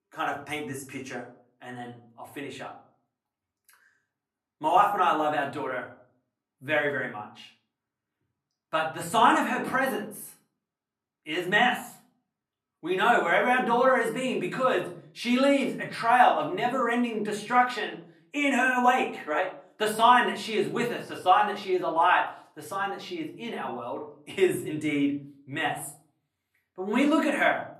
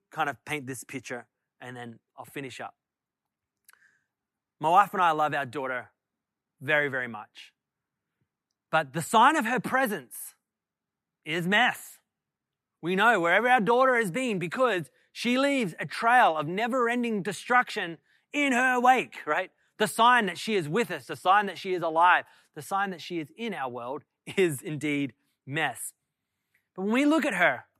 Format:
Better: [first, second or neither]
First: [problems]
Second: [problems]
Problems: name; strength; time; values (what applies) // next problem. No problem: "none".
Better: second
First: room echo; slight; dies away in 0.4 s // off-mic speech; far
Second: none